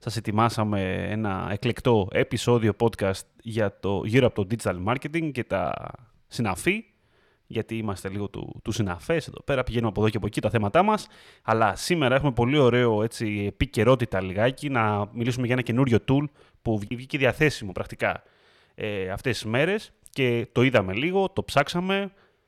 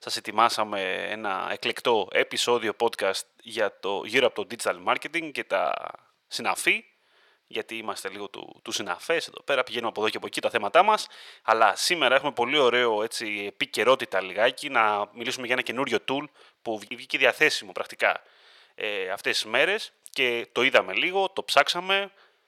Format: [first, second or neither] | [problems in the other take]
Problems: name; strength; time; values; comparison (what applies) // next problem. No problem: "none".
first | thin; very; fading below 550 Hz